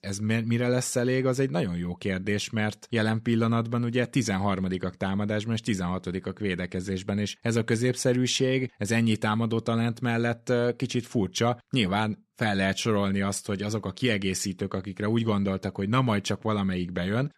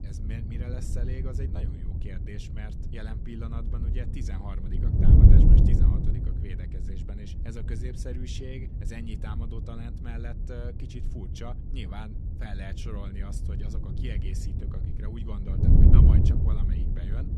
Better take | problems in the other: first | wind noise on the microphone; heavy; 5 dB above the speech

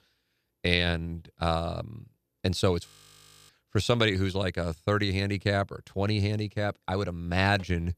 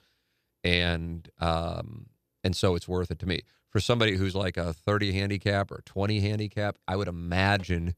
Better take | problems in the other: second | audio freezing; at 3 s for 0.5 s

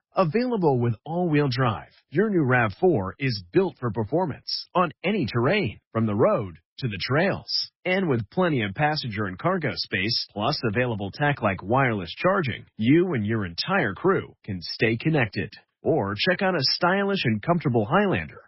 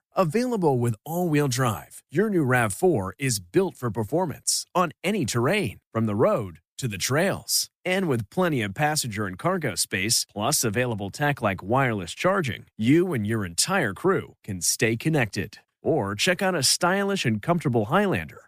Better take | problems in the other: second | garbled, watery; badly; nothing above 5.5 kHz

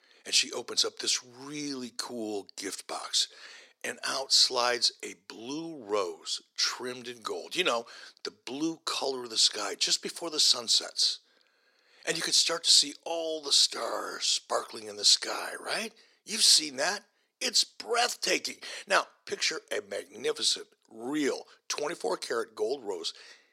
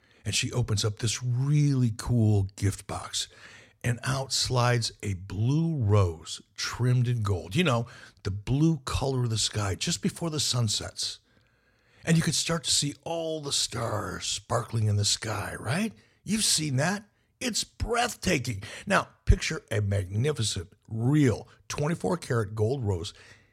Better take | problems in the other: second | thin; very; fading below 300 Hz

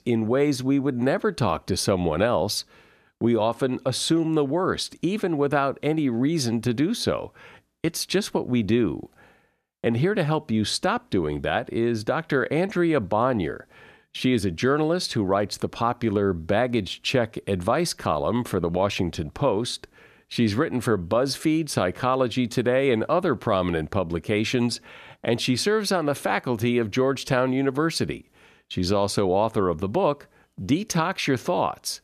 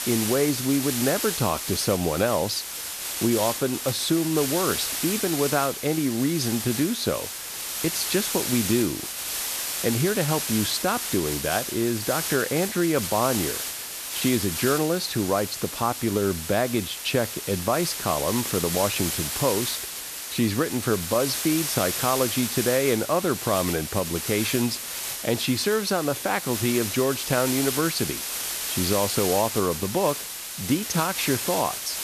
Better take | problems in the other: first | hiss; loud; throughout; 3 dB below the speech

